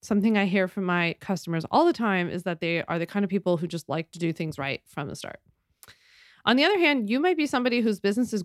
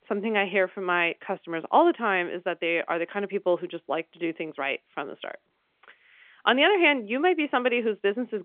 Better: first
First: none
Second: phone-call audio; nothing above 3 kHz

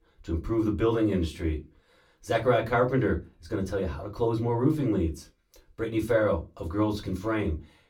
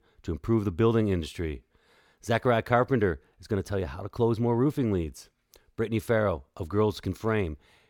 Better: second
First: off-mic speech; far // room echo; very slight; dies away in 0.2 s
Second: none

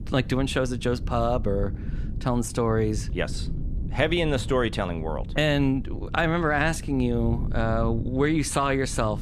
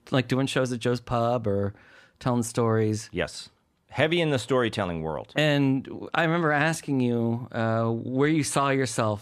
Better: second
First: low rumble; noticeable; throughout; 20 dB below the speech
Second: none

